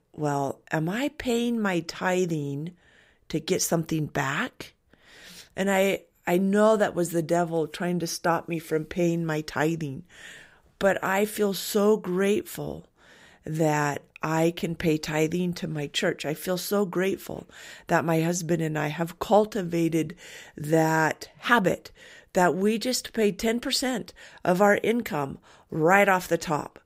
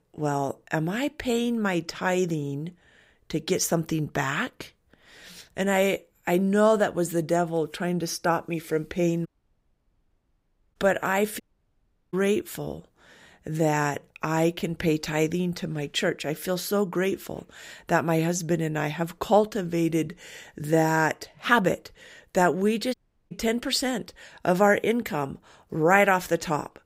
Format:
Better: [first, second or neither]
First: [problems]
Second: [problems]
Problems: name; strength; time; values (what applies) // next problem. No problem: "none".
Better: first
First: none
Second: audio cutting out; at 9.5 s for 1.5 s, at 11 s for 0.5 s and at 23 s